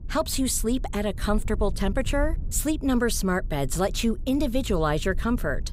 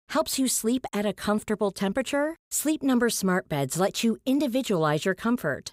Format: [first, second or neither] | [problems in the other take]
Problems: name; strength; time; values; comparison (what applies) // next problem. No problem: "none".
second | low rumble; faint; throughout; 25 dB below the speech